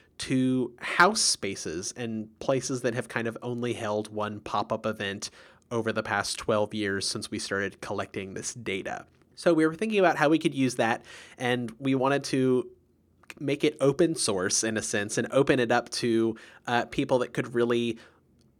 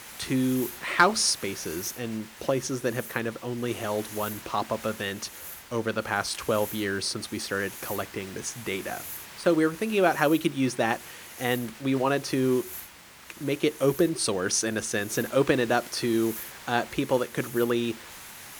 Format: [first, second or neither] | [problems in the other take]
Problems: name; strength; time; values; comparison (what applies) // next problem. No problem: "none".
first | hiss; noticeable; throughout; 15 dB below the speech